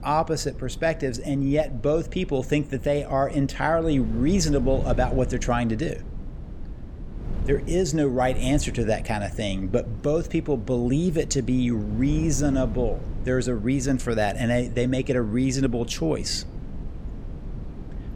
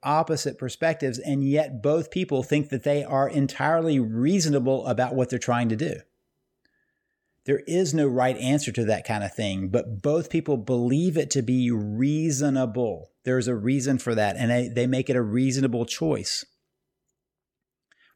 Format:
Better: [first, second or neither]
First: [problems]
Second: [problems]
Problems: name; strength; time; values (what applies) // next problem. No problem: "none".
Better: second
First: wind noise on the microphone; occasional gusts; 20 dB below the speech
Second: none